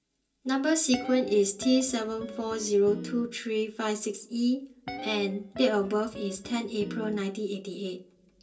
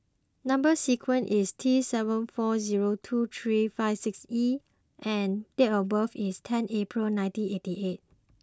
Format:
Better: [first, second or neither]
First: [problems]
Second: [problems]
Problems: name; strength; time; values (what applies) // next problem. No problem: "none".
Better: second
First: background sound (Guitar); 14 dB below the speech // room echo; dies away in 0.3 s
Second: none